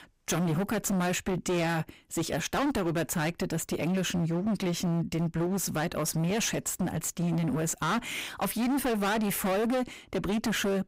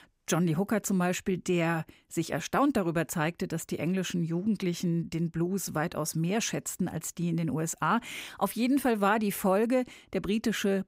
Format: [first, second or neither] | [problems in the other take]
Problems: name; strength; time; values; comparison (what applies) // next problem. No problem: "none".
second | distortion; heavy; 27% of the sound clipped